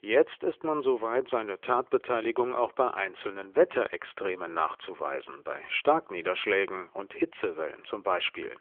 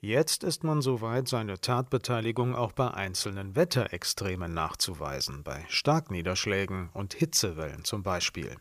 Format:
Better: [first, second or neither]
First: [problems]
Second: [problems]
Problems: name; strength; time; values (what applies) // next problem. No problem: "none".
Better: second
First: phone-call audio; nothing above 3.5 kHz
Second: none